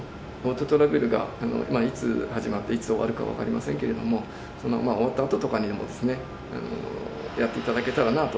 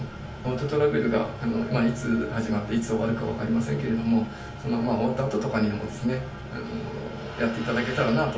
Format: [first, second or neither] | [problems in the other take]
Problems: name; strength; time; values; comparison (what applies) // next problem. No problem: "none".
first | room echo; dies away in 0.2 s